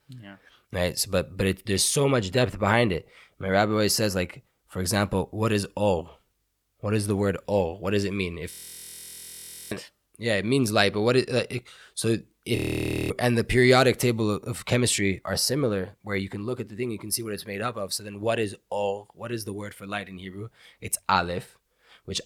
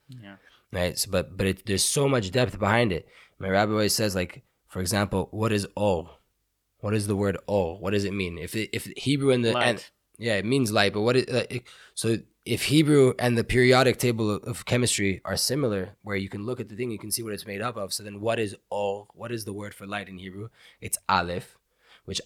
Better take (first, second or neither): second